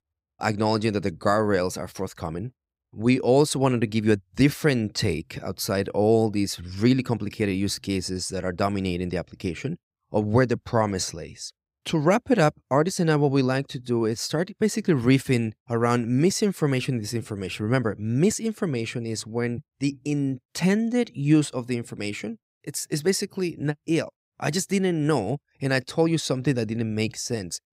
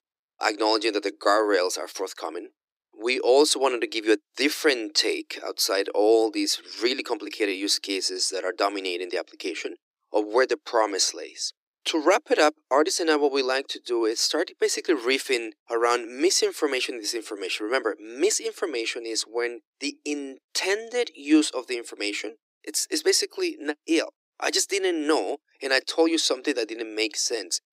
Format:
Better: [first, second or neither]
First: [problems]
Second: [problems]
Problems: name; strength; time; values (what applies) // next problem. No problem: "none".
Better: first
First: none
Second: thin; very; fading below 300 Hz